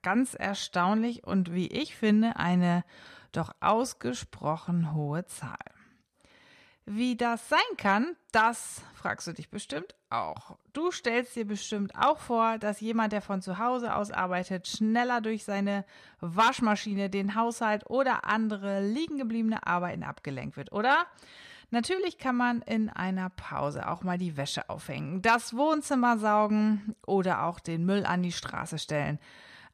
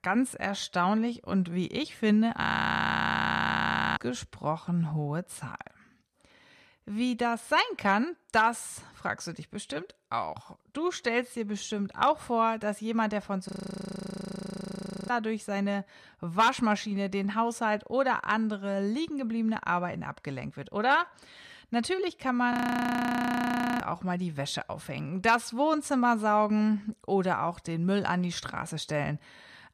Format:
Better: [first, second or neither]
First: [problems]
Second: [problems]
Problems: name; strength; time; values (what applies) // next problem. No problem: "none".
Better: first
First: none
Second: audio freezing; at 2.5 s for 1.5 s, at 13 s for 1.5 s and at 23 s for 1.5 s